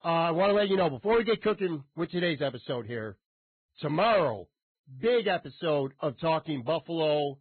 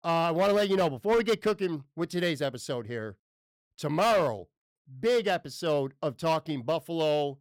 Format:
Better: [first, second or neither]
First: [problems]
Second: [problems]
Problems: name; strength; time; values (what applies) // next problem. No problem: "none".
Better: second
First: garbled, watery; badly; nothing above 4 kHz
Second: none